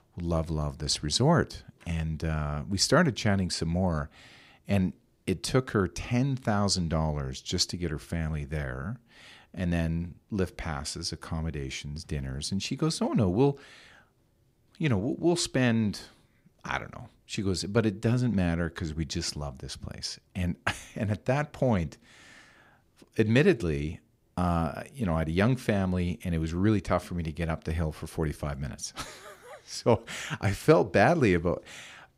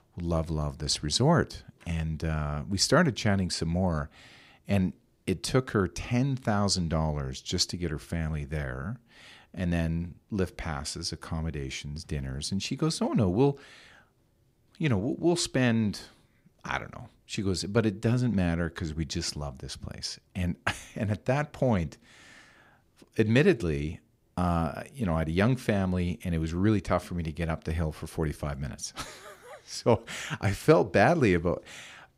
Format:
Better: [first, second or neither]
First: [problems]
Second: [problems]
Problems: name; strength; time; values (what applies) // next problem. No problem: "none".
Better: neither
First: none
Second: none